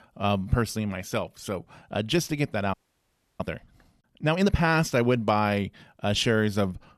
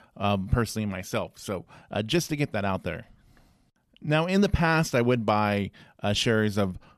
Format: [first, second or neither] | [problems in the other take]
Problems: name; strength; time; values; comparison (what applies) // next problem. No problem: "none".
second | audio freezing; at 2.5 s for 0.5 s